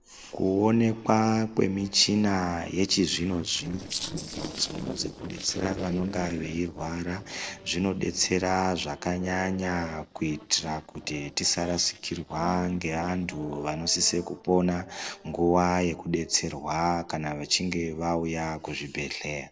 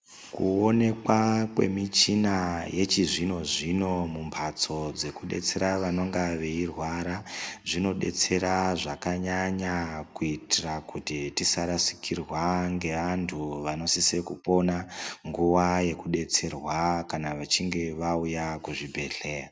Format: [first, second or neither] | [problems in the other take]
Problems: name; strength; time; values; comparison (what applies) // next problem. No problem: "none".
second | noise reduction (neural separator model SepFormer DNS4)